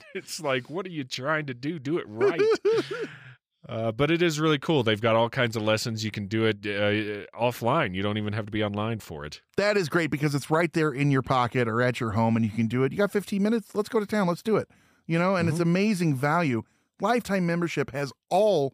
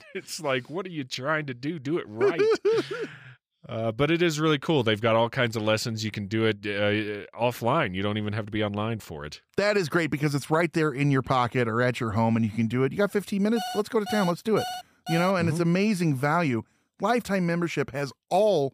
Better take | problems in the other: first | alarm; noticeable; from 14 to 15 s; peak 8 dB below the speech

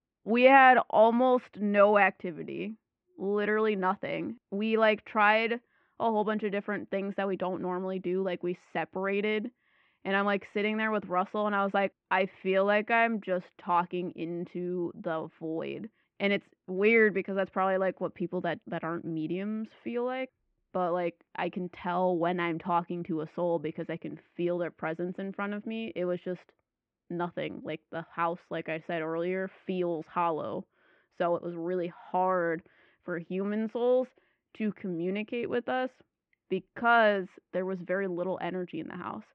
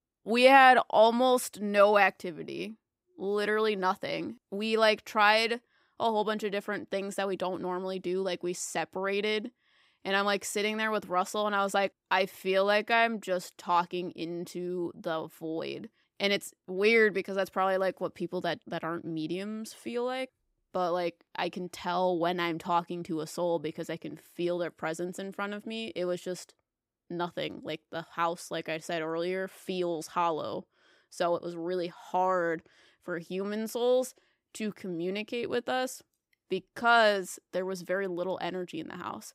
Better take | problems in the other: second | muffled; very; fading above 2.5 kHz

